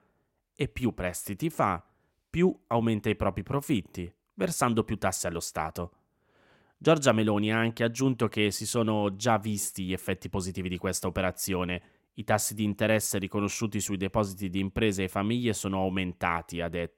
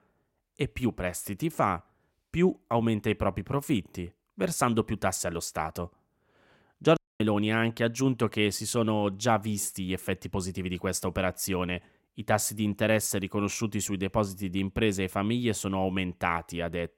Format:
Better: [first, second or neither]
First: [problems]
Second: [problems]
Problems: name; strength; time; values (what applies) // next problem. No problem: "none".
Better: first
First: none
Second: audio cutting out; at 7 s